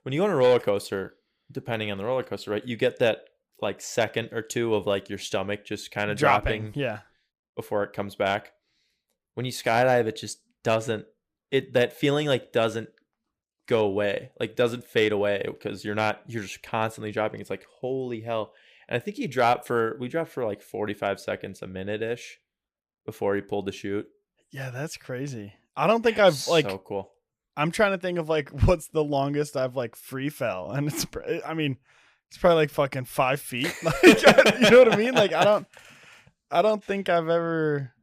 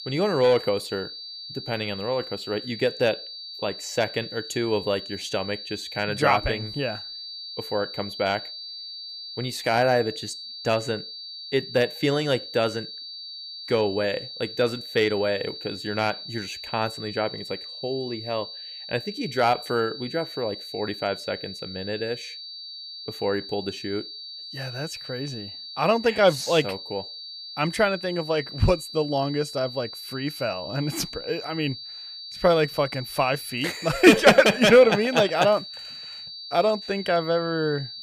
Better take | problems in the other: first | high-pitched whine; noticeable; throughout; 4.5 kHz, 10 dB below the speech

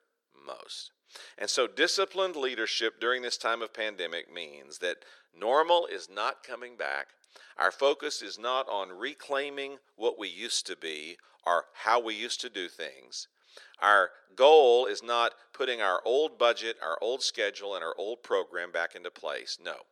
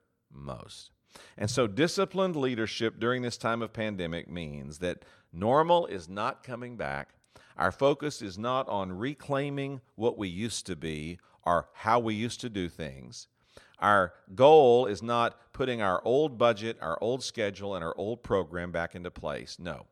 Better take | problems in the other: second | thin; very; fading below 400 Hz

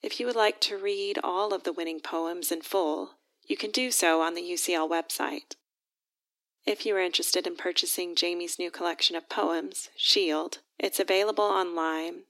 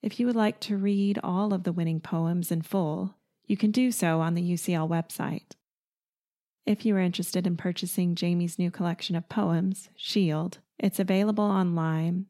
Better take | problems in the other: second | thin; very; fading below 300 Hz

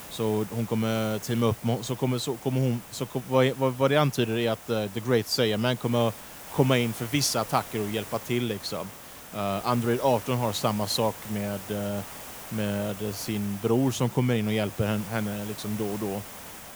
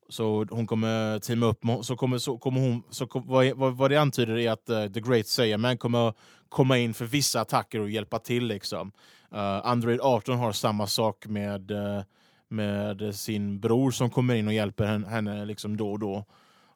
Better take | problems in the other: second | hiss; noticeable; throughout; 15 dB below the speech

